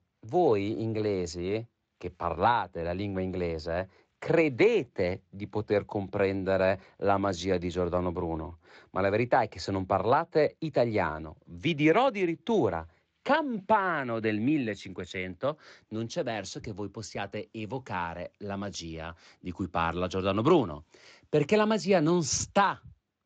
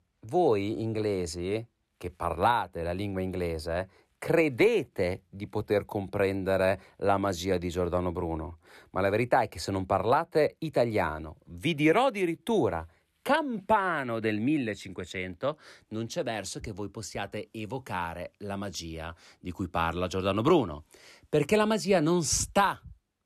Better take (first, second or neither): second